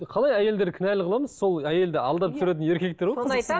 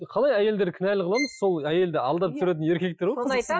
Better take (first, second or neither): first